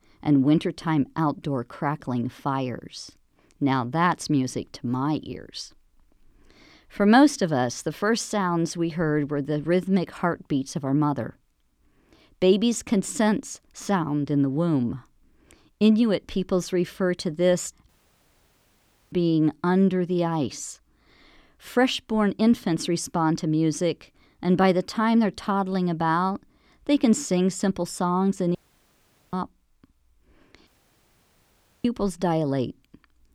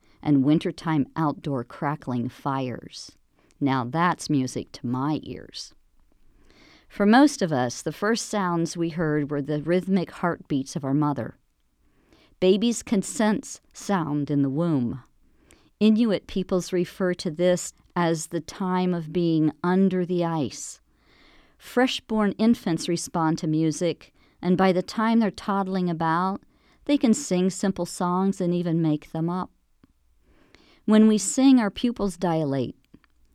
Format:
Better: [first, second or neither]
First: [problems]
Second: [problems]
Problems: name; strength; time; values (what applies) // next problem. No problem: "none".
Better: second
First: audio cutting out; at 18 s for 1 s, at 29 s for 1 s and at 31 s for 1 s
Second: none